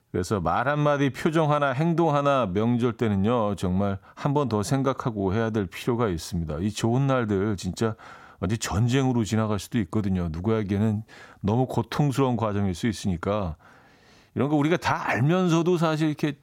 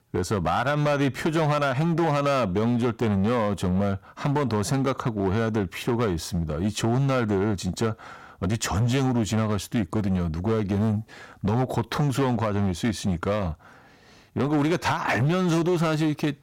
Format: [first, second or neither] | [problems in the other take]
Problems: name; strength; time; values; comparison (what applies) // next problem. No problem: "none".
first | distortion; slight; 13% of the sound clipped